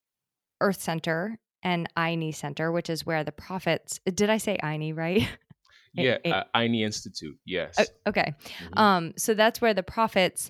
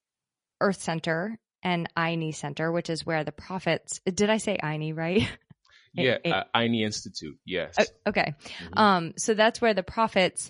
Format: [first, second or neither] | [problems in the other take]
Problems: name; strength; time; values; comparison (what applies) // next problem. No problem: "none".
first | garbled, watery; slightly; nothing above 10.5 kHz